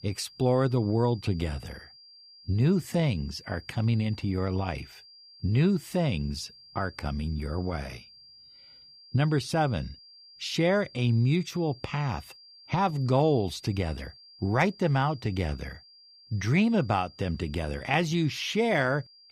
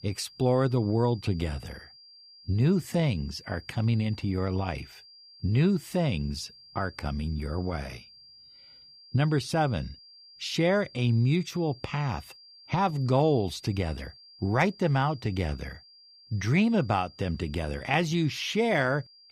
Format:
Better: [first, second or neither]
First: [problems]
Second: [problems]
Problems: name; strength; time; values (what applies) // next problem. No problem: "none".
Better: neither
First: high-pitched whine; faint; throughout; 4.5 kHz, 20 dB below the speech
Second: high-pitched whine; faint; throughout; 4.5 kHz, 20 dB below the speech